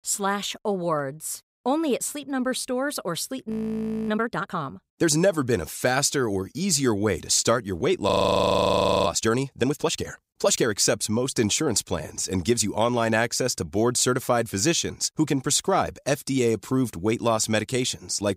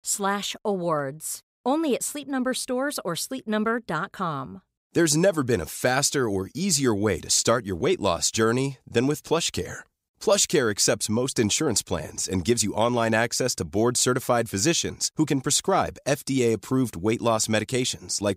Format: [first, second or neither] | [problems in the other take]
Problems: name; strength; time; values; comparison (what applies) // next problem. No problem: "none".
second | audio freezing; at 3.5 s for 0.5 s and at 8 s for 1 s